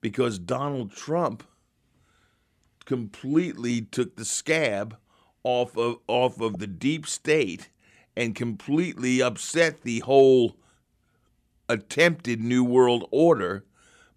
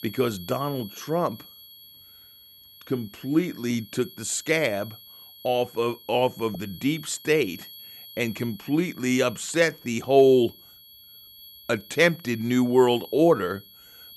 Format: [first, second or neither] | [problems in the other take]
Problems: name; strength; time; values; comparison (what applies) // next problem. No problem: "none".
first | high-pitched whine; noticeable; throughout; 3.5 kHz, 20 dB below the speech